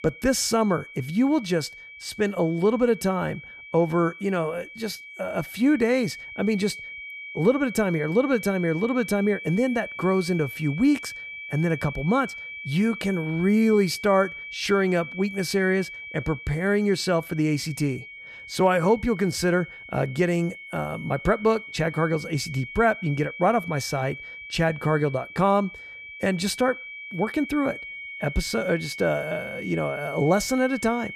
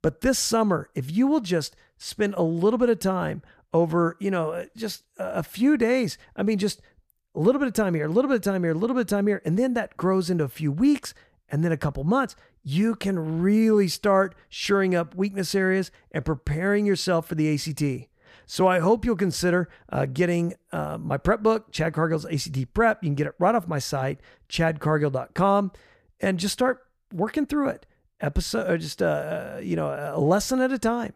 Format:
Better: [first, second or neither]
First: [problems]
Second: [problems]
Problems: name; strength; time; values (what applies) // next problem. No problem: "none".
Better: second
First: high-pitched whine; noticeable; throughout; 2.5 kHz, 10 dB below the speech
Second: none